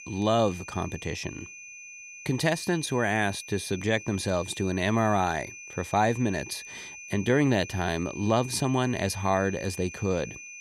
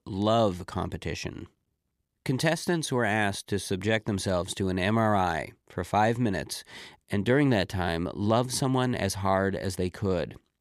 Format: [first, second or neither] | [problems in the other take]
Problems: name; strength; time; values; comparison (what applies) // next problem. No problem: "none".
second | high-pitched whine; noticeable; throughout; 2.5 kHz, 15 dB below the speech